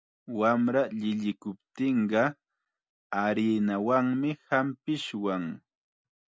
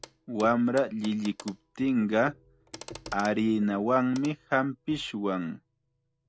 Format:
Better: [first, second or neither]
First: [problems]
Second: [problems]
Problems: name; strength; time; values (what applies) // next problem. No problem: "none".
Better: first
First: none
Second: background sound (Clock); 19 dB below the speech